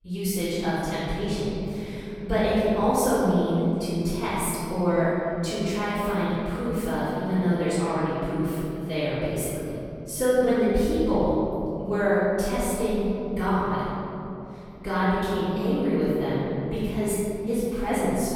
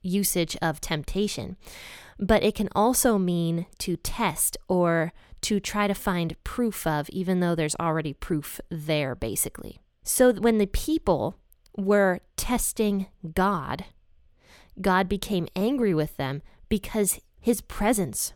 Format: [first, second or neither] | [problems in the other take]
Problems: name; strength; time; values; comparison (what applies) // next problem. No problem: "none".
second | off-mic speech; far // room echo; strong; dies away in 3 s